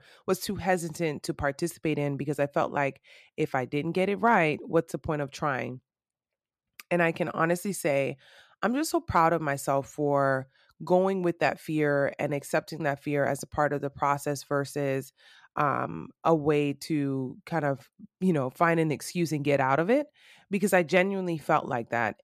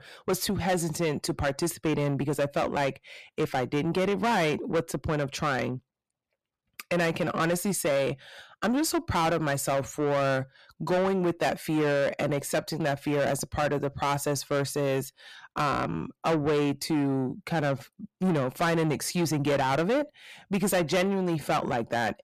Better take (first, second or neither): first